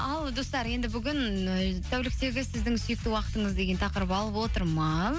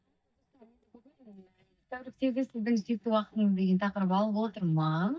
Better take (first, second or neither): first